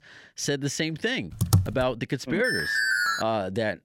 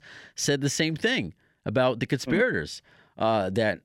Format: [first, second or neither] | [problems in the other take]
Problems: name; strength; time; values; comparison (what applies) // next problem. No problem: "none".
second | keyboard typing; loud; at 1.5 s; peak 4 dB above the speech // alarm; loud; at 2.5 s; peak 5 dB above the speech